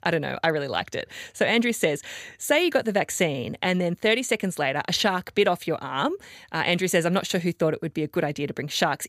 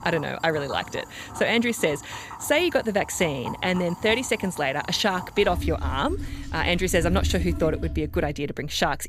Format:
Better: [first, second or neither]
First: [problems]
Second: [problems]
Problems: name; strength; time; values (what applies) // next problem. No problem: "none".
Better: first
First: none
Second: household noises; loud; throughout; 10 dB below the speech